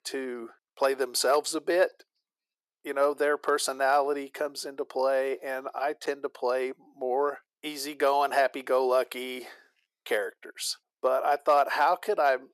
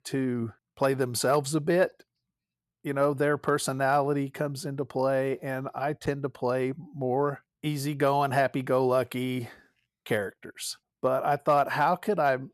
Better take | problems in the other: second | thin; somewhat; fading below 350 Hz

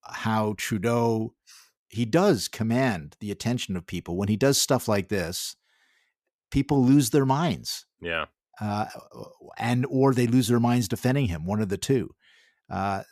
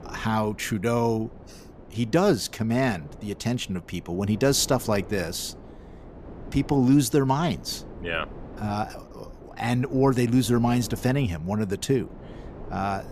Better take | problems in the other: first | wind noise on the microphone; occasional gusts; 20 dB below the speech

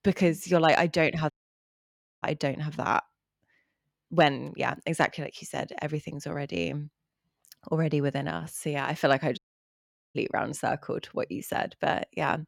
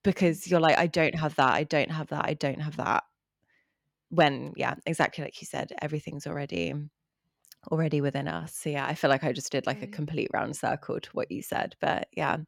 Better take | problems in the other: second | audio cutting out; at 1.5 s for 1 s and at 9.5 s for 1 s

